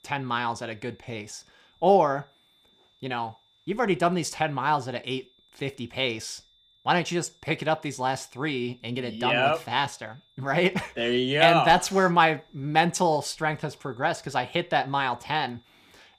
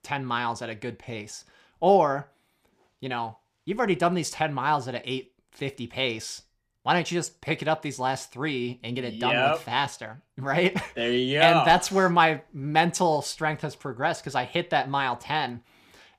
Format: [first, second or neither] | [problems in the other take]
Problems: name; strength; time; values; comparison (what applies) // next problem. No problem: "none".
second | high-pitched whine; faint; throughout; 3.5 kHz, 35 dB below the speech